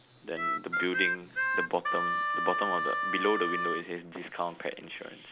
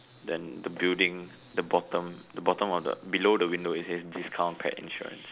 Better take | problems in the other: second | background sound (Harmonica); 3 dB above the speech

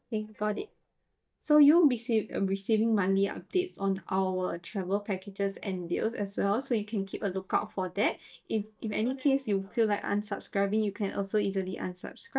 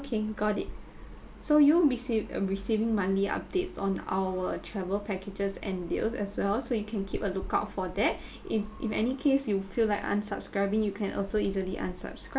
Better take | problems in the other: second | noise reduction (neural mask model DeepFilterNet 3)

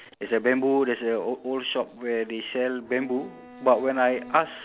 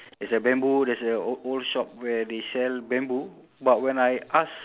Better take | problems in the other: second | background sound (Bowed string instrument); 17 dB below the speech

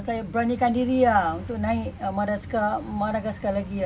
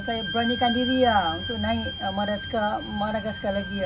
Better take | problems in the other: first | background sound (Bowed string instrument); 8 dB below the speech

